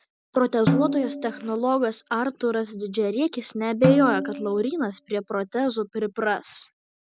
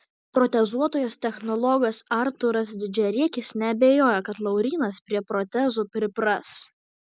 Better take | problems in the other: second | background sound (Snare drum); 4 dB below the speech

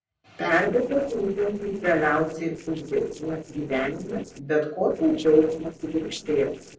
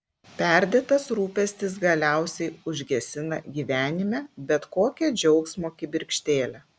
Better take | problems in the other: second | noise reduction (neural separator model SepFormer DNS4)

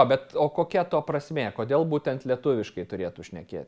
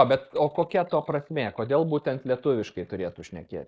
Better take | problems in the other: first | noise reduction (neural mask model Resemble Enhance denoiser)

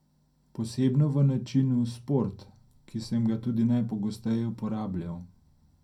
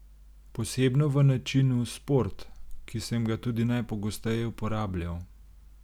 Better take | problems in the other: second | room echo; dies away in 0.2 s

